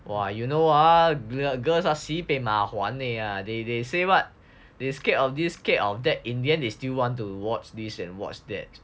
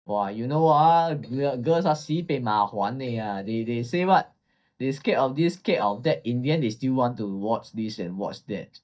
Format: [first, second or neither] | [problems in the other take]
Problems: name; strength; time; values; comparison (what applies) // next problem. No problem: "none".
first | noise reduction (neural mask model DeepFilterNet 3)